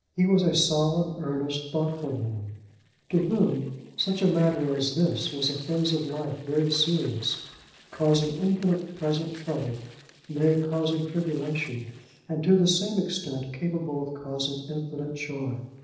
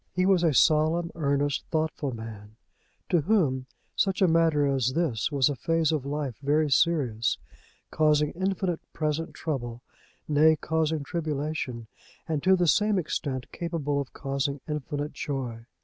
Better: second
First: noise reduction (neural separator model SepFormer DNS4)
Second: none

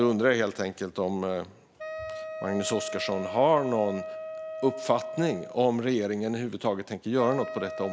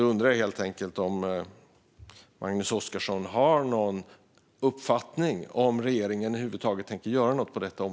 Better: second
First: background sound (Wind instrument, woodwind instrument); 11 dB below the speech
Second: none

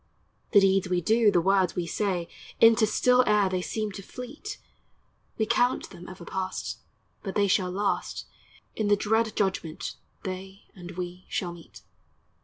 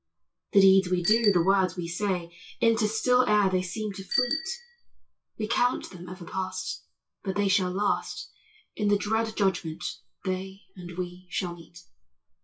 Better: first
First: none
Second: noise reduction (classical method WPE with log-MMSE)

